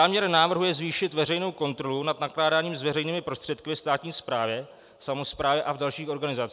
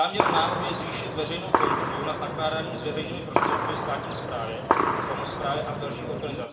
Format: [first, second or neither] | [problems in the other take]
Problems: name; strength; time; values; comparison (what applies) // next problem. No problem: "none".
first | background sound (Gunshot, gunfire); 4 dB above the speech // room echo; dies away in 1.9 s